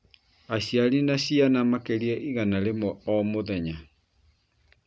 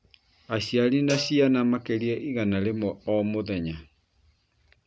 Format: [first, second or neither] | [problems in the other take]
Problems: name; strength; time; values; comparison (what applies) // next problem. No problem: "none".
first | background sound (Cowbell); 15 dB below the speech